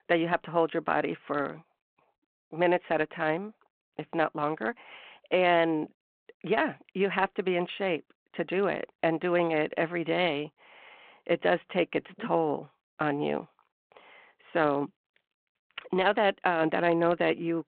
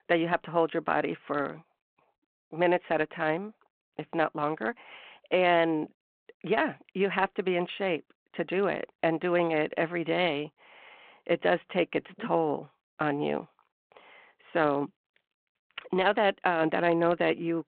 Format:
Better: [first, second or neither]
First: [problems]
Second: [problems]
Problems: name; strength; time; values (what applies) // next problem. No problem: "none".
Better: neither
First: phone-call audio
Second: phone-call audio